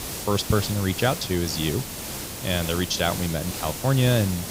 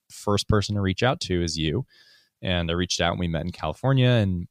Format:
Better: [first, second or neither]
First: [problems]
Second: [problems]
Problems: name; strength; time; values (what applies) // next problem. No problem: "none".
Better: second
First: hiss; loud; throughout; 6 dB below the speech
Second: none